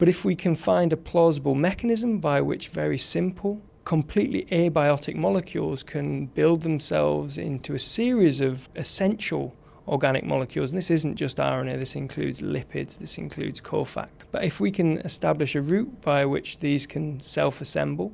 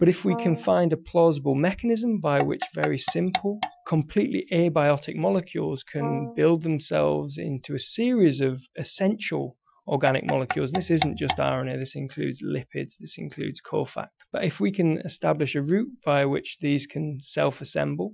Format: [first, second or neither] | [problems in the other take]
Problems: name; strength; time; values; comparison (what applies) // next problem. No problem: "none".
first | noise reduction (classical method Wiener filter)